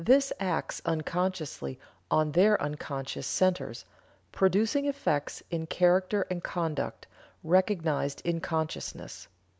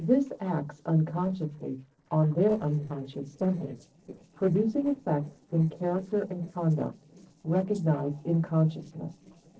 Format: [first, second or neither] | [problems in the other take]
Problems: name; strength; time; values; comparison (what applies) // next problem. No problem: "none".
first | noise reduction (neural separator model SepFormer DNS4)